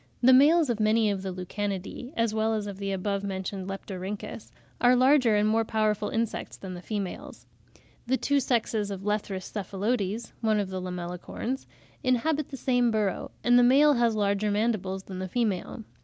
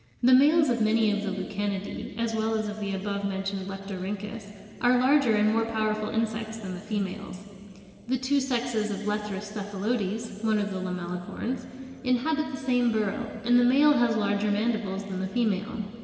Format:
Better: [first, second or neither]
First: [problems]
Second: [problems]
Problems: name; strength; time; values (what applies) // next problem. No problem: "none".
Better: first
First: none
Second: room echo; dies away in 2.8 s